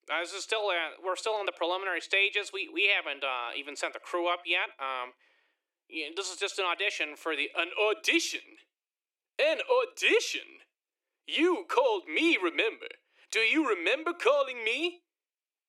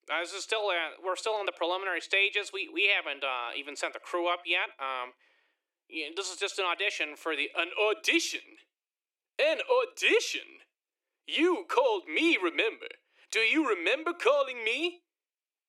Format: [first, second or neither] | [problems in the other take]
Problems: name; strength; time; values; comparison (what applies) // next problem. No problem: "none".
neither | thin; somewhat; fading below 300 Hz; the same in both